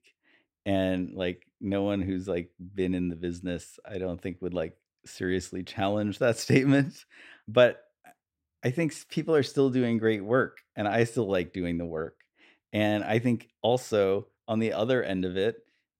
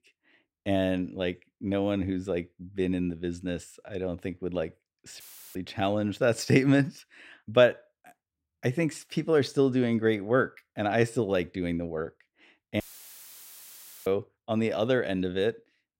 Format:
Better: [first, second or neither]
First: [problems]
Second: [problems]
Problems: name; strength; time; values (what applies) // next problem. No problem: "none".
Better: first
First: none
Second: audio cutting out; filled with static; at 5 s and at 13 s for 1.5 s